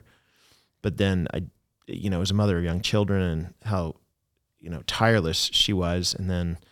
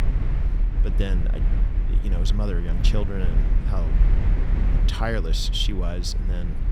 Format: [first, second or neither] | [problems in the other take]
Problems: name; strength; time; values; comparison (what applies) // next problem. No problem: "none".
first | low rumble; loud; throughout; 8 dB below the speech